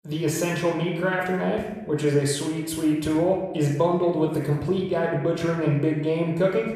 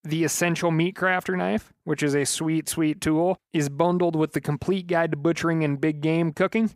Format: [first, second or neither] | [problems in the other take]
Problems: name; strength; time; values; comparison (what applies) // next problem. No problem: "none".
second | off-mic speech; somewhat distant // room echo; noticeable; dies away in 0.8 s